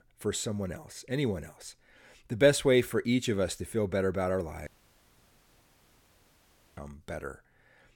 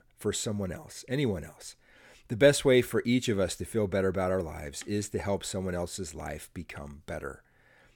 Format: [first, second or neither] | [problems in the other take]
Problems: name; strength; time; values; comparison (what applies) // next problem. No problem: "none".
second | audio cutting out; at 4.5 s for 2 s